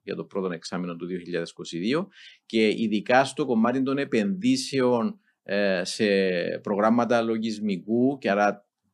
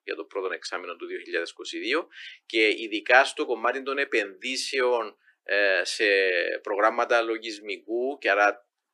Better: first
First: none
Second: thin; very; fading below 300 Hz

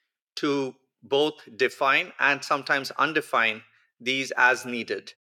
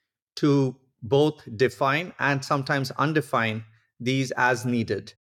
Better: second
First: thin; somewhat; fading below 350 Hz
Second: none

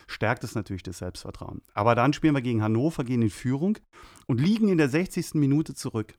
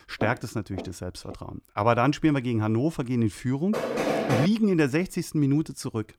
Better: first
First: none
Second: footsteps; noticeable; until 1.5 s; peak 10 dB below the speech // door banging; loud; at 3.5 s; peak level with the speech

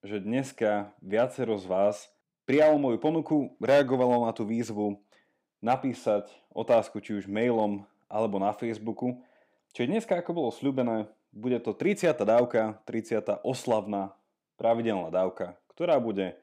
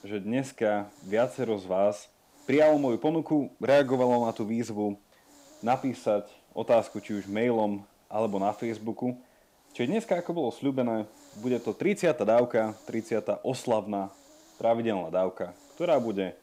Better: first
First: none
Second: hiss; faint; throughout; 30 dB below the speech

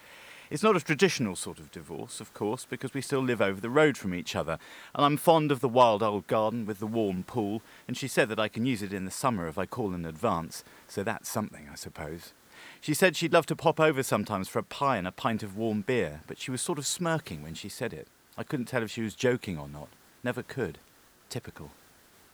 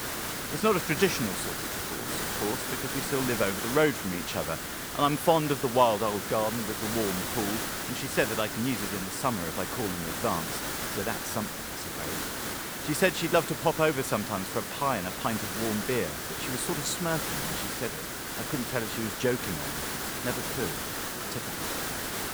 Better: first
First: hiss; faint; throughout; 30 dB below the speech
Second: hiss; loud; throughout; 2 dB below the speech

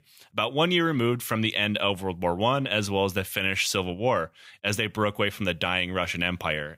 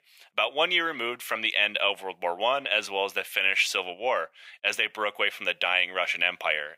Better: first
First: none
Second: thin; very; fading below 500 Hz

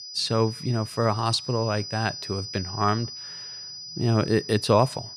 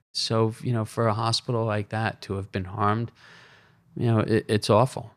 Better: second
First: high-pitched whine; noticeable; throughout; 5 kHz, 10 dB below the speech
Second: none

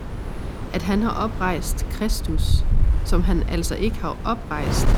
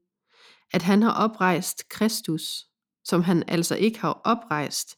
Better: second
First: wind noise on the microphone; heavy; 10 dB below the speech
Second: none

